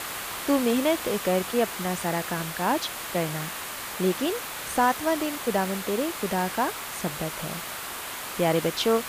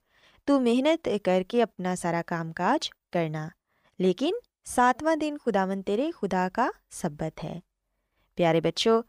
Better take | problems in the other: second | hiss; loud; throughout; 5 dB below the speech

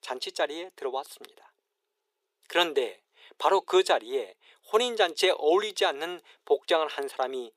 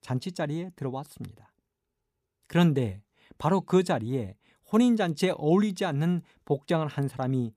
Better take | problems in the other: second | thin; very; fading below 400 Hz

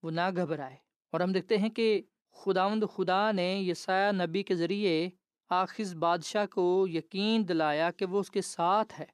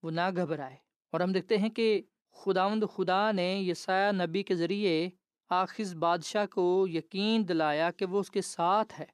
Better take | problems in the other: neither | none

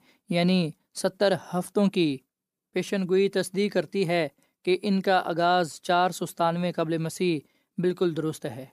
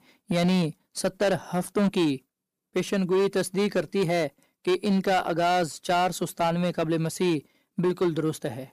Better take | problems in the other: first | distortion; slight; 10% of the sound clipped

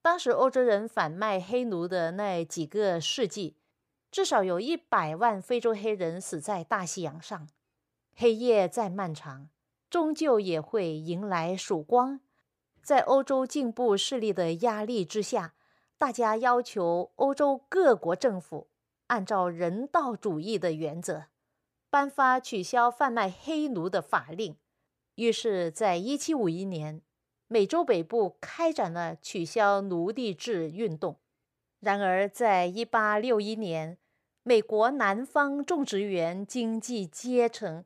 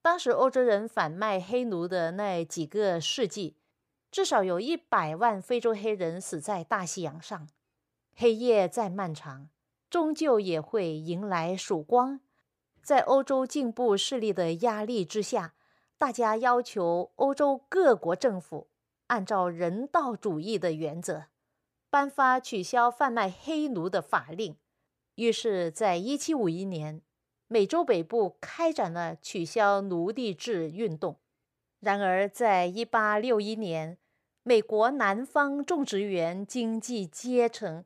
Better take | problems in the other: neither | none

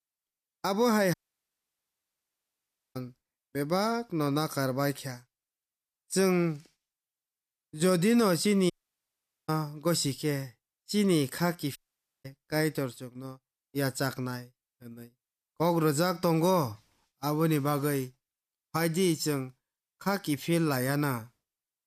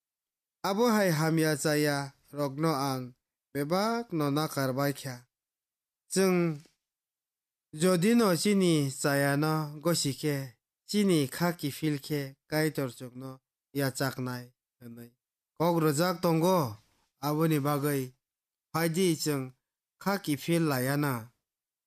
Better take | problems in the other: second | audio cutting out; at 1 s for 2 s, at 8.5 s for 1 s and at 12 s

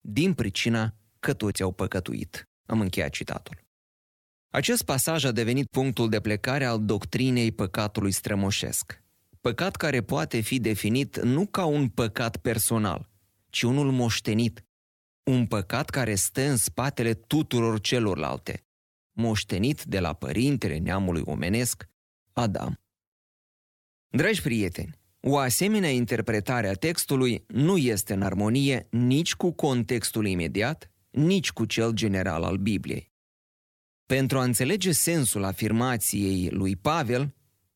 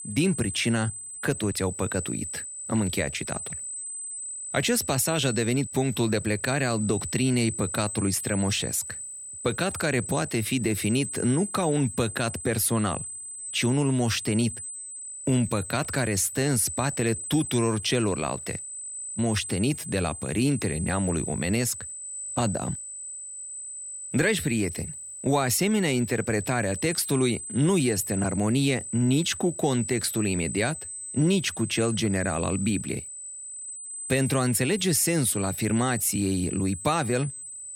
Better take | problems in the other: first | high-pitched whine; loud; throughout; 8 kHz, 8 dB below the speech

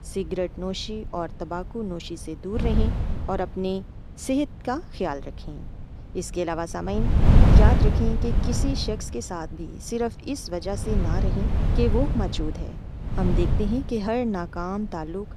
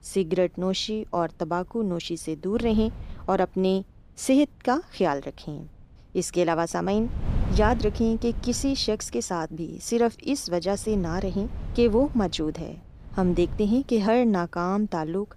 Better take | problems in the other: second | wind noise on the microphone; heavy; 3 dB below the speech; occasional gusts in the second

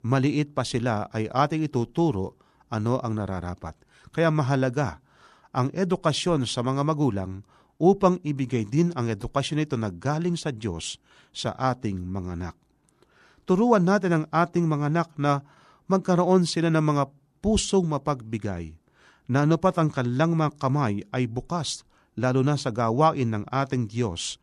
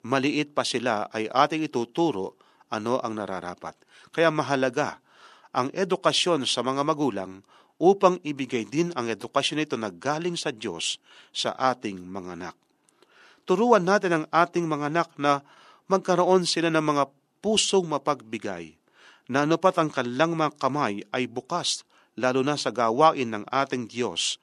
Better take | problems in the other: first | thin; somewhat; fading below 300 Hz

